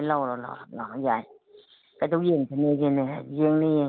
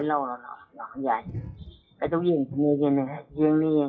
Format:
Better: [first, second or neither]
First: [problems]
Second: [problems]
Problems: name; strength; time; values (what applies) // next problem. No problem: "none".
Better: first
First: none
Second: noise reduction (classical method WPE with log-MMSE)